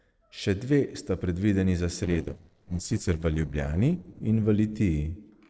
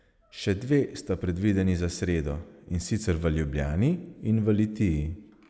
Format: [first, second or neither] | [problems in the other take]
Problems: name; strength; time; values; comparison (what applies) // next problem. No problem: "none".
second | noise reduction (neural separator model SepFormer DNS4)